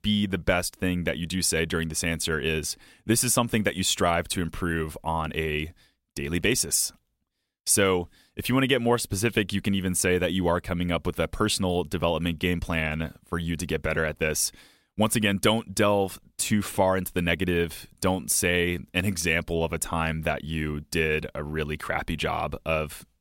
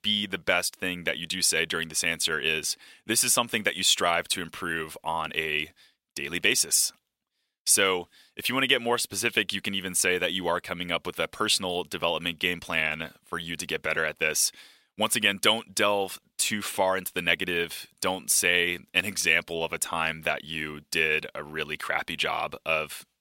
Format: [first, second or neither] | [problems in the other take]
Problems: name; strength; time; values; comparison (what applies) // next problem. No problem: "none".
first | thin; somewhat; fading below 600 Hz